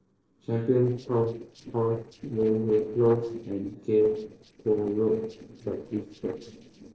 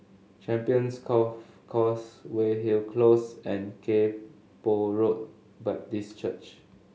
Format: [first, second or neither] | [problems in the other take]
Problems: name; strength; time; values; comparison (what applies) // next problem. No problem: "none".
second | noise reduction (neural separator model SepFormer DNS4)